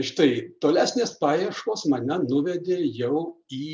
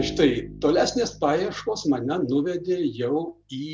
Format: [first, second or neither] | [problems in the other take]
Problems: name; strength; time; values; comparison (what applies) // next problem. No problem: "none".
first | background sound (Bowed string instrument); 16 dB below the speech